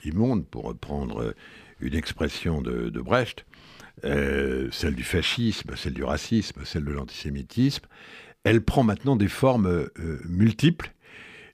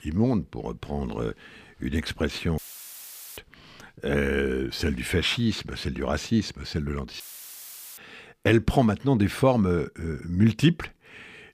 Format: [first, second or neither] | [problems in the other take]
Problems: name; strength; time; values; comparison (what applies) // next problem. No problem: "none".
first | audio cutting out; filled with static; at 2.5 s for 1 s and at 7 s for 1 s